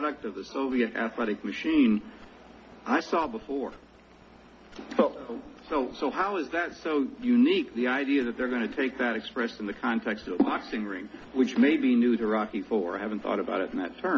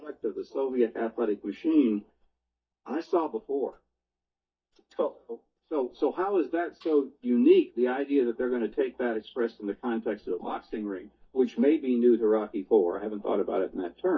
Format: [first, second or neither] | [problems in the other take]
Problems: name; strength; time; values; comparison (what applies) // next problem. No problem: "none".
first | noise reduction (neural mask model DeepFilterNet 3)